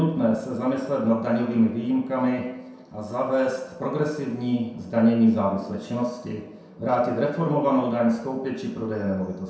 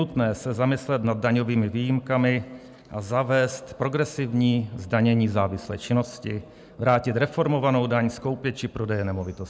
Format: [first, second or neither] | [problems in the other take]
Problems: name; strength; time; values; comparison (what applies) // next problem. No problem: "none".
second | room echo; dies away in 0.7 s